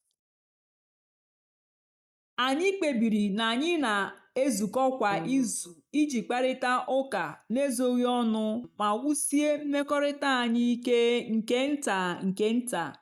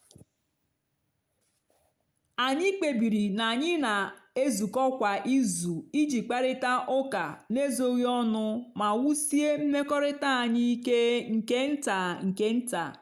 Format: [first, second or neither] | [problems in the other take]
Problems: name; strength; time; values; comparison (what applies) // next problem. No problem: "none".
second | noise reduction (neural mask model DeepFilterNet 3)